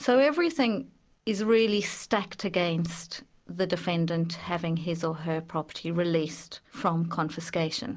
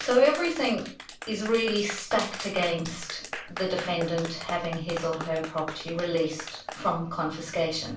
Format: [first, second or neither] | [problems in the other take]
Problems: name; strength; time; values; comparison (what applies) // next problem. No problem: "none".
first | background sound (Clapping); 12 dB below the speech // room echo; dies away in 0.3 s